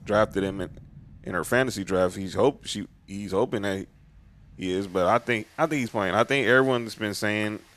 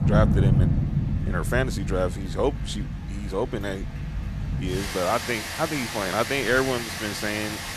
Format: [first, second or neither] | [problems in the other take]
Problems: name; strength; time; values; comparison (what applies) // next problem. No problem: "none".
first | rain or running water; loud; throughout; as loud as the speech; faint in the first